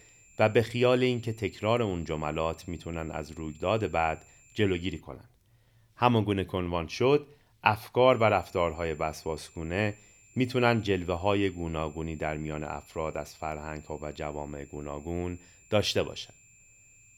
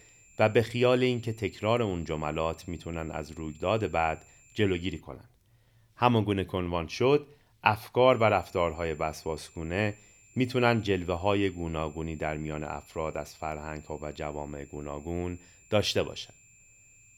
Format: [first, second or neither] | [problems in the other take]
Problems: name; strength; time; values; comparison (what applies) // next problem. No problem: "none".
neither | high-pitched whine; faint; until 5 s and from 8 s on; 7.5 kHz, 25 dB below the speech; the same in both